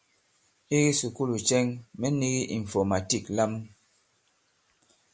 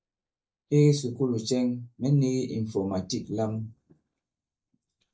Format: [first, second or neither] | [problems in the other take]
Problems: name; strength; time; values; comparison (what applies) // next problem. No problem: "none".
first | noise reduction (neural mask model DeepFilterNet 3)